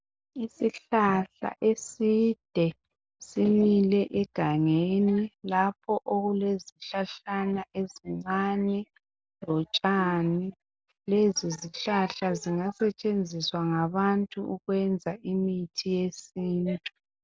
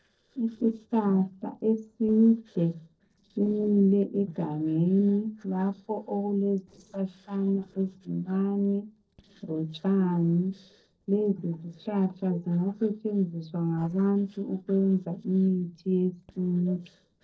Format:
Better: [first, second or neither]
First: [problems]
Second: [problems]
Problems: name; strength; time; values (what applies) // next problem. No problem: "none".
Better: first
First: none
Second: noise reduction (neural separator model SepFormer DNS4)